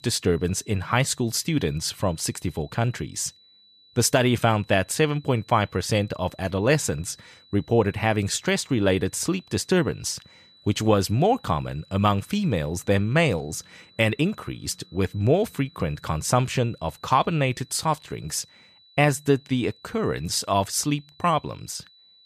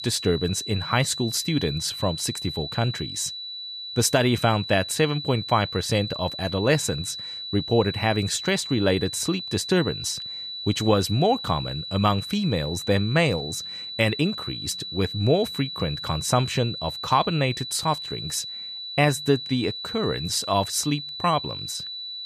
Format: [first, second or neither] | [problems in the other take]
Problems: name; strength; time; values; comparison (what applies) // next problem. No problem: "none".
first | high-pitched whine; loud; throughout; 4 kHz, 7 dB below the speech; faint in the first